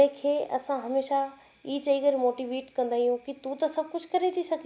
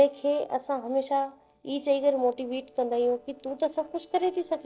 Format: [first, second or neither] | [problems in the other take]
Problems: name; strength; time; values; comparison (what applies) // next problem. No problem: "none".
first | noise reduction (neural separator model SepFormer DNS4)